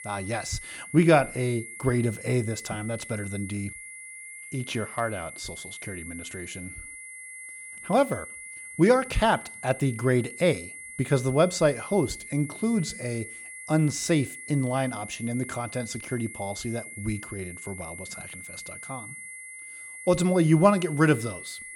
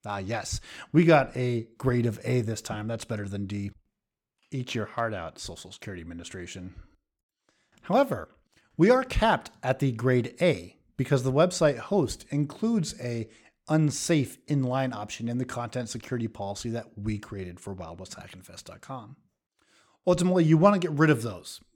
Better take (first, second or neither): second